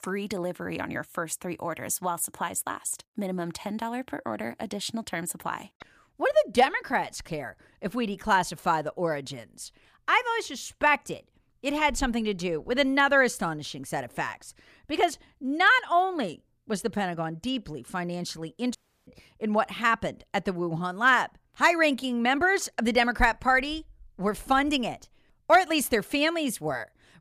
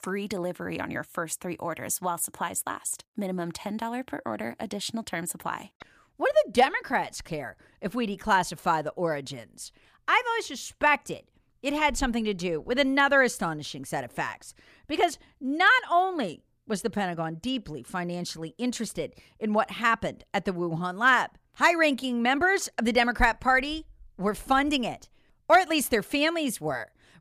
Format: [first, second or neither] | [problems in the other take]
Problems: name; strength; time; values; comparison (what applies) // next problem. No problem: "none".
second | audio cutting out; at 19 s